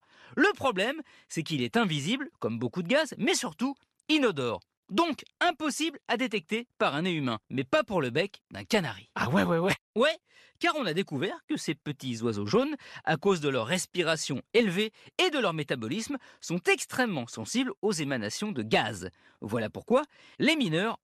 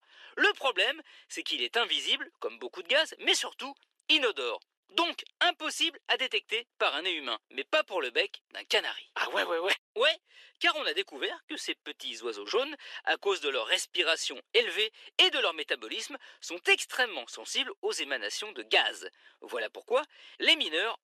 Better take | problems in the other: first | thin; very; fading below 350 Hz

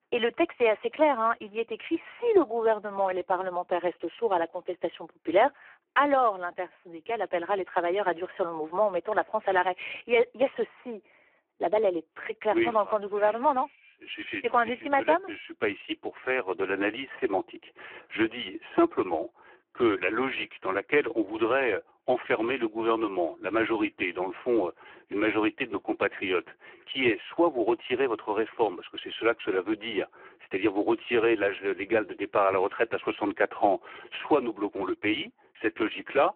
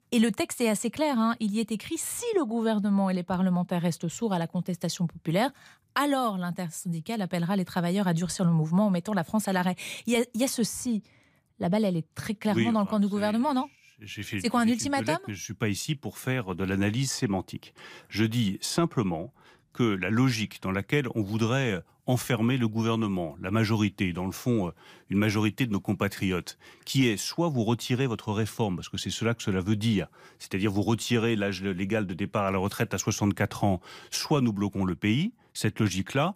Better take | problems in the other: second | phone-call audio; poor line

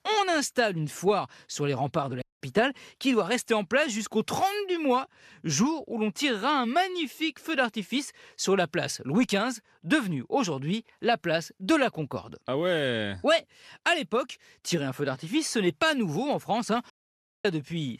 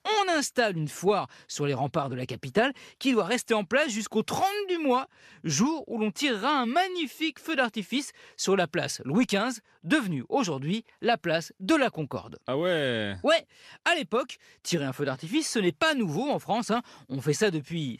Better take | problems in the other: second | audio cutting out; at 2 s and at 17 s for 0.5 s

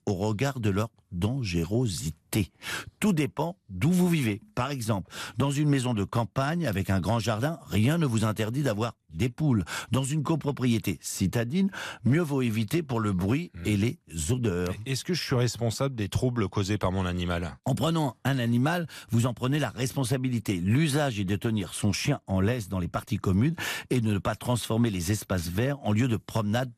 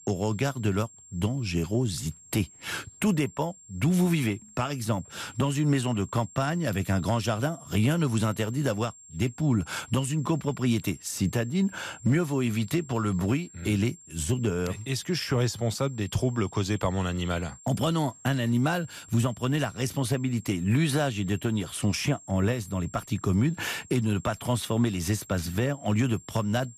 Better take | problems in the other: first | high-pitched whine; faint; throughout; 7.5 kHz, 20 dB below the speech

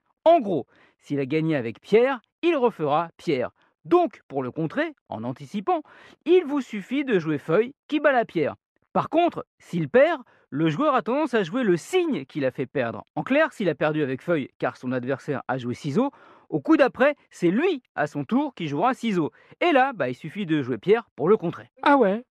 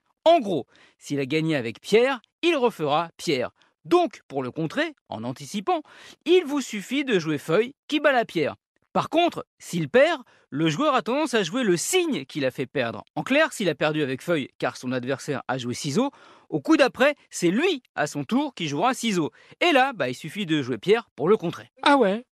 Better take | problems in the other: second | muffled; slightly; fading above 3 kHz

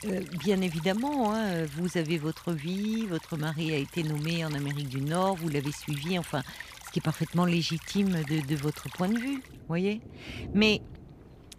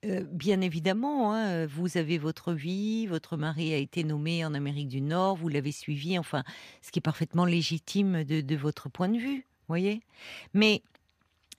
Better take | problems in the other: second | rain or running water; noticeable; throughout; 15 dB below the speech

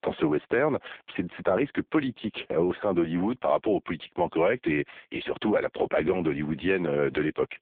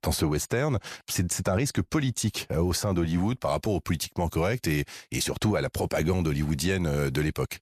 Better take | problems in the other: second | phone-call audio; poor line

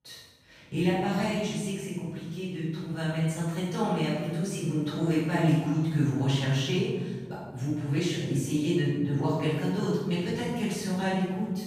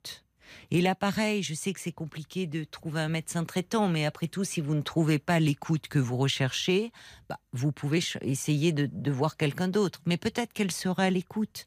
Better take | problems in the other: second | off-mic speech; far // room echo; strong; dies away in 1.5 s

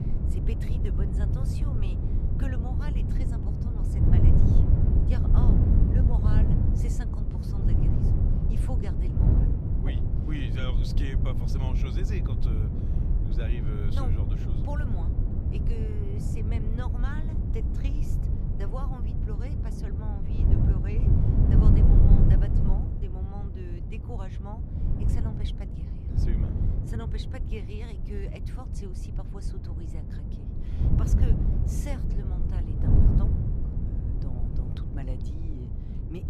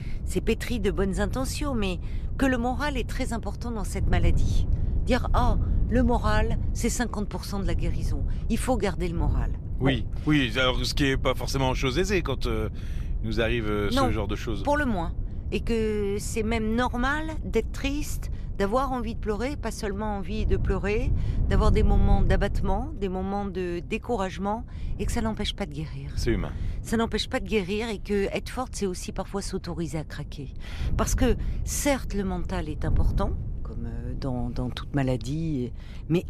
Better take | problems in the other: second | wind noise on the microphone; heavy; 4 dB above the speech; occasional gusts in the second

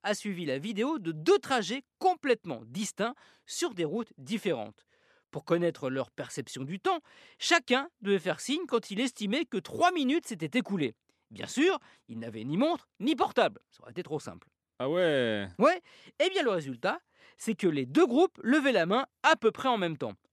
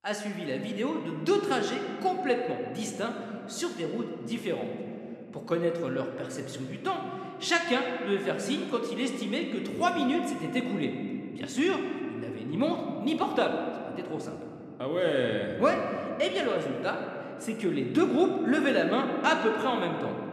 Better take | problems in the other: first | room echo; slight; dies away in 2.7 s

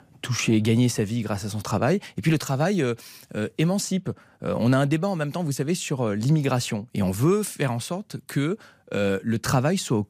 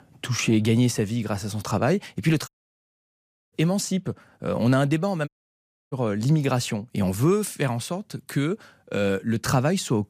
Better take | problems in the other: first | audio cutting out; at 2.5 s for 1 s and at 5.5 s for 0.5 s

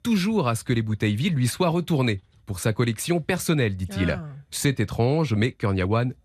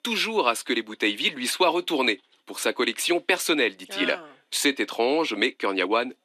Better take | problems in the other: first | thin; somewhat; fading below 300 Hz

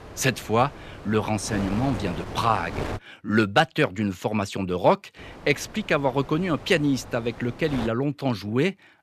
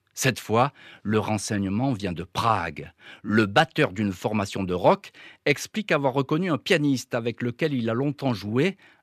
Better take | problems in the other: second | wind noise on the microphone; occasional gusts; until 3 s and from 5 to 8 s; 15 dB below the speech

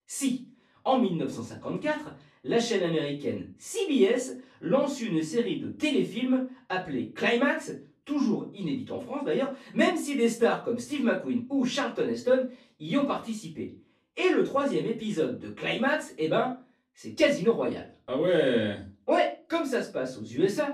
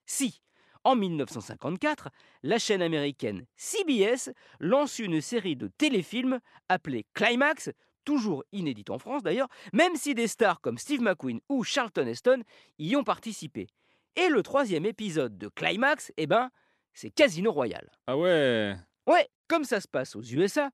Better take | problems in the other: second | off-mic speech; far // room echo; slight; dies away in 0.3 s

